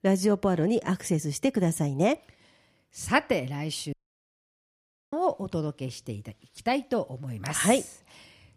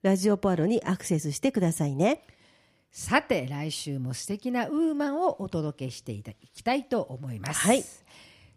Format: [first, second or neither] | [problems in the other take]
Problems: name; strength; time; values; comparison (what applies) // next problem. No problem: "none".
second | audio cutting out; at 4 s for 1 s